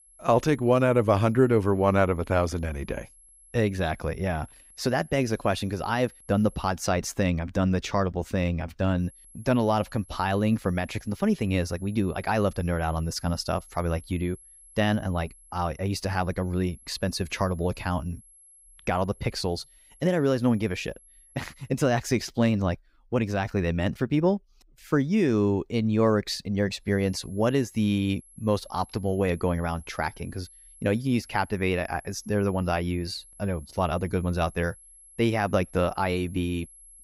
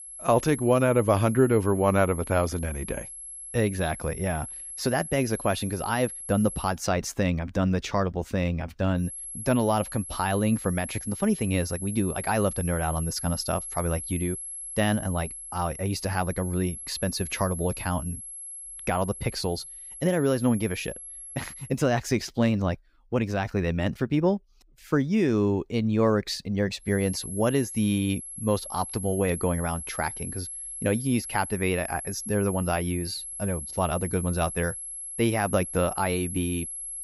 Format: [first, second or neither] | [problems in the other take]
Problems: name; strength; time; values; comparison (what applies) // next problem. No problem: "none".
first | high-pitched whine; loud; until 6.5 s, from 9 to 22 s and from 27 s on; 11 kHz, 9 dB below the speech; faint in the first